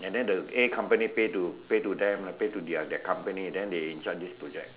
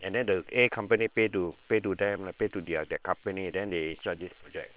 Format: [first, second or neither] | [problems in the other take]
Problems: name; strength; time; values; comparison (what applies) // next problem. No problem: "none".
first | noise reduction (neural separator model SepFormer WHAM!)